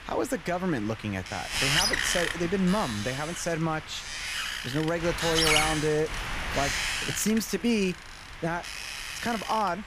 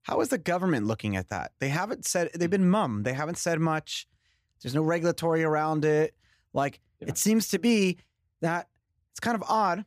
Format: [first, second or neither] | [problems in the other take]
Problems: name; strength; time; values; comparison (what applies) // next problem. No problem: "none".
second | wind noise on the microphone; heavy; 2 dB above the speech